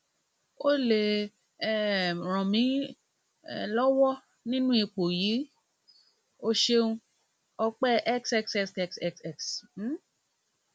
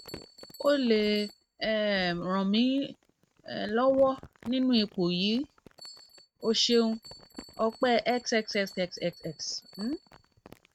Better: first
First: none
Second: noise reduction (neural mask model RNNoise)

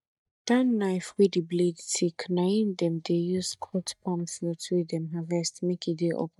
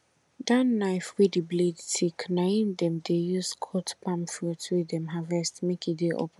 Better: second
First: noise reduction (neural mask model DeepFilterNet 3)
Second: none

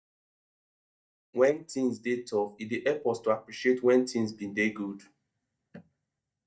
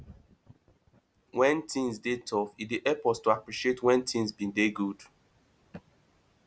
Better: second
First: noise reduction (neural mask model DeepFilterNet 3)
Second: none

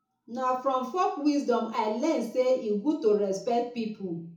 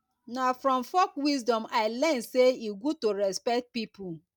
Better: second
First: room echo; dies away in 0.7 s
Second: none

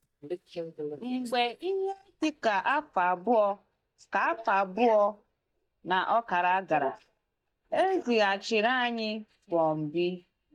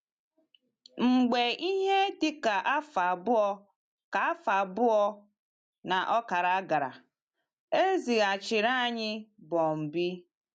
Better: second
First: noise reduction (neural mask model DeepFilterNet 3)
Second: none

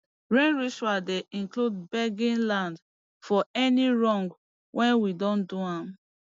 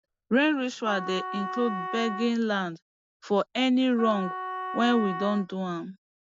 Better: first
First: none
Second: background sound (Wind instrument, woodwind instrument); 9 dB below the speech

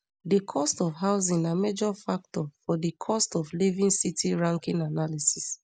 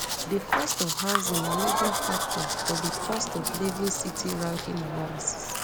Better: first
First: none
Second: background sound (Domestic sounds, home sounds + Crowd); 2 dB above the speech

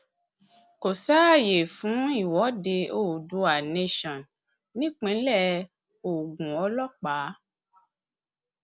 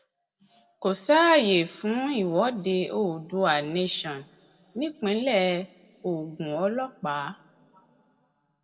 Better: first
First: none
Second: room echo; dies away in 2.3 s

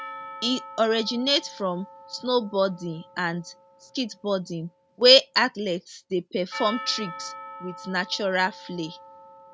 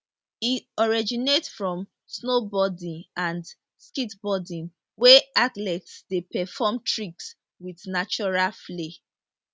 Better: second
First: background sound (Percussion); 16 dB below the speech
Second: none

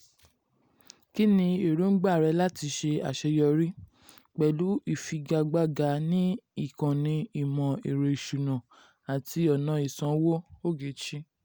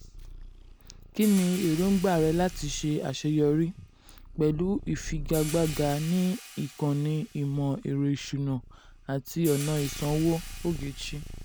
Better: first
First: none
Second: background sound (Hi-hat + Purr); 13 dB below the speech

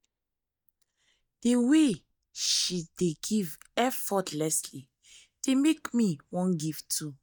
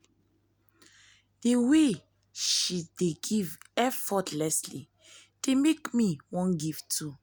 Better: second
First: noise reduction (neural mask model DeepFilterNet 3)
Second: none

